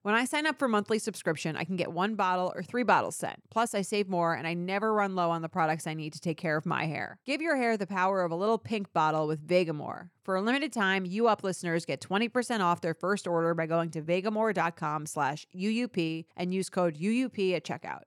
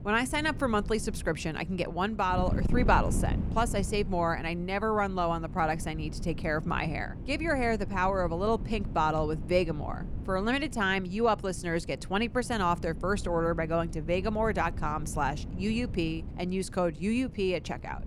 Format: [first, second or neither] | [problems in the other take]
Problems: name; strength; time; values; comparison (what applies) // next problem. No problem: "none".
first | wind noise on the microphone; occasional gusts; 20 dB below the speech